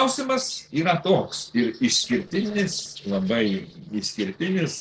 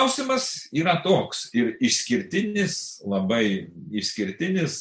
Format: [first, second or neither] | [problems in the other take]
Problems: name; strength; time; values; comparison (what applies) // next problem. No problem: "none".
second | noise reduction (neural separator model SepFormer DNS4)